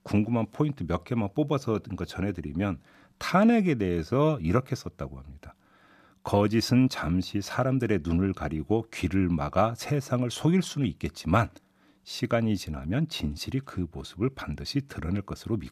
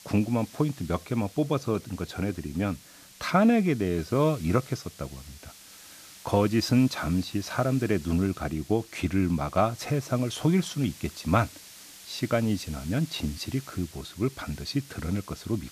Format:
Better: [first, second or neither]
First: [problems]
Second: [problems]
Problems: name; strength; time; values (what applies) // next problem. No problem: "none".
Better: first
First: none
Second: hiss; noticeable; throughout; 20 dB below the speech